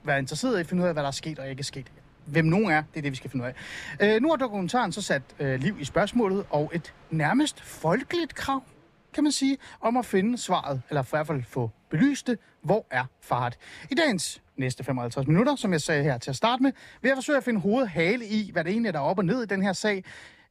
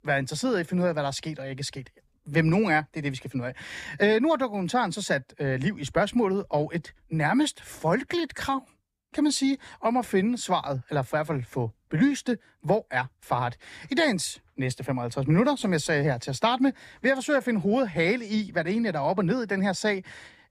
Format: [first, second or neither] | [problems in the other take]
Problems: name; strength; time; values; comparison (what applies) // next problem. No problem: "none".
second | train or aircraft noise; faint; throughout; 30 dB below the speech